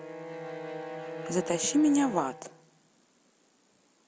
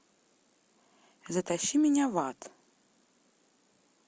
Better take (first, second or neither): second